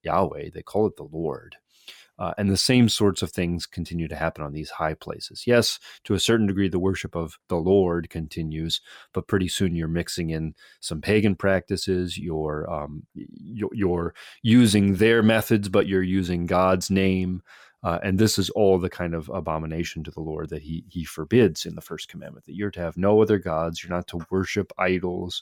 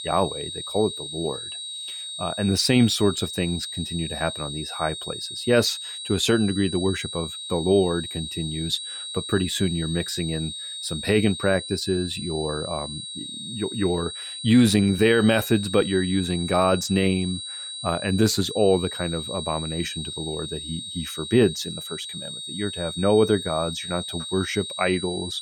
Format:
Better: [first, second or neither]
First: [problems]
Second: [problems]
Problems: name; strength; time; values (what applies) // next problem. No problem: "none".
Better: first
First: none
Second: high-pitched whine; loud; throughout; 4 kHz, 7 dB below the speech